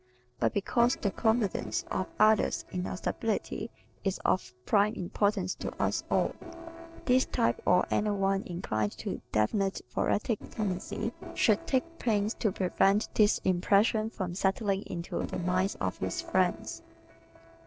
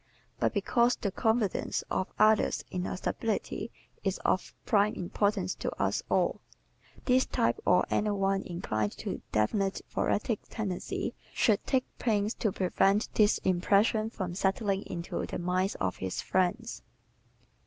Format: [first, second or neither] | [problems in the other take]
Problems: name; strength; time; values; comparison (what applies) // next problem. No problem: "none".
second | noise reduction (neural separator model SepFormer DNS4)